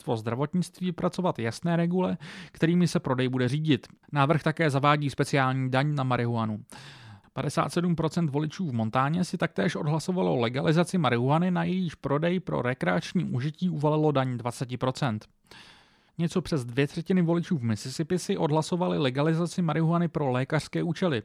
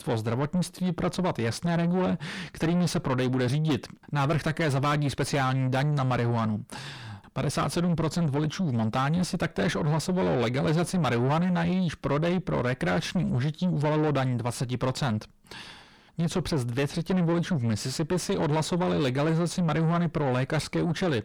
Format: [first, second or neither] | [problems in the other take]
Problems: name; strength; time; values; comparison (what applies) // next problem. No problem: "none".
first | distortion; heavy; 6 dB below the speech